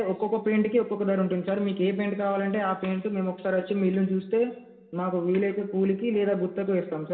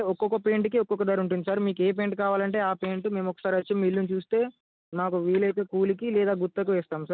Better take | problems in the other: second | room echo; dies away in 1.8 s

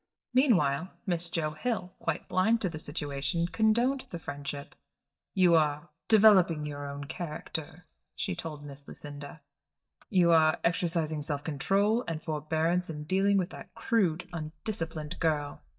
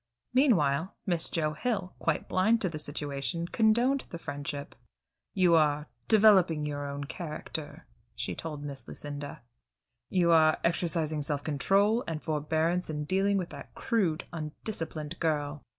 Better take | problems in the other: second | noise reduction (neural mask model DeepFilterNet 3)

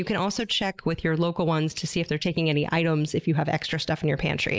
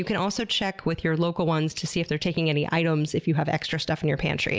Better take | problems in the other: second | noise reduction (neural mask model Resemble Enhance denoiser)

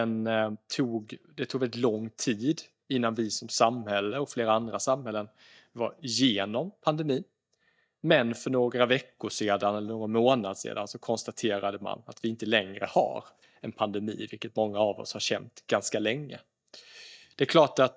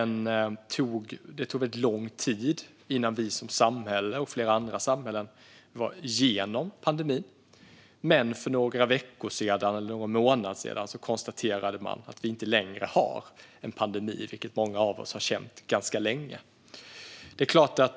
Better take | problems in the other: second | noise reduction (neural mask model DeepFilterNet 3)

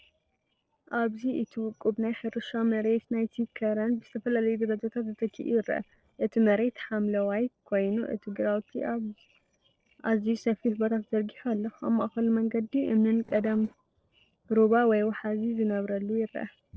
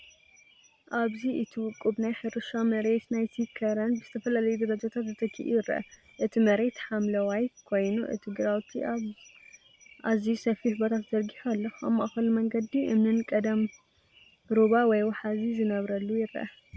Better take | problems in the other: second | noise reduction (neural separator model SepFormer DNS4)

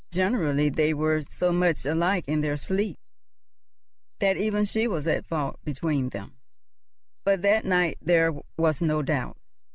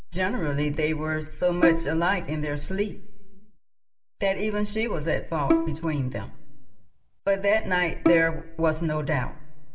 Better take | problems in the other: first | background sound (Bowed string instrument); 4 dB below the speech // room echo; dies away in 0.7 s

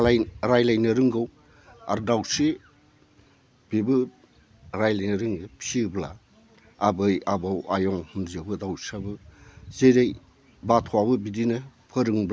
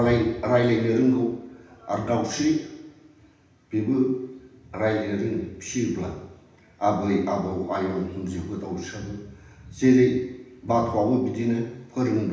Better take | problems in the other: first | room echo; dies away in 0.9 s

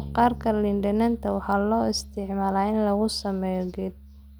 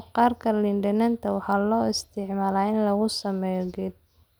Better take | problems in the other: second | background sound (Bass guitar); 16 dB below the speech

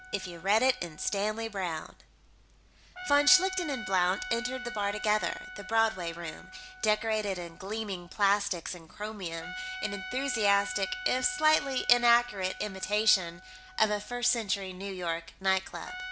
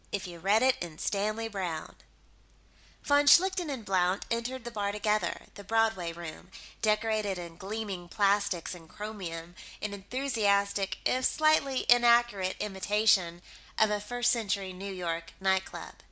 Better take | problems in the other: second | background sound (Trumpet); 13 dB below the speech

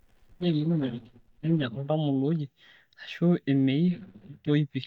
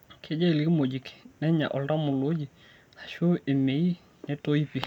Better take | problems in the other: second | noise reduction (neural mask model DeepFilterNet 3)

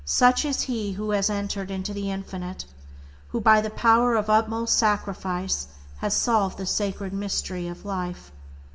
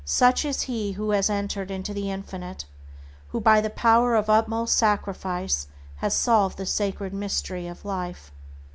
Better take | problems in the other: second | room echo; dies away in 1.1 s

